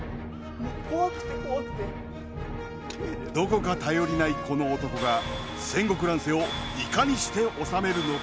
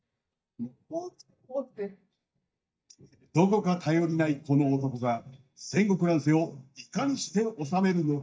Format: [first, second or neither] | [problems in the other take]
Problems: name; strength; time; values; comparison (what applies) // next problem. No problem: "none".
first | noise reduction (neural mask model DeepFilterNet 3)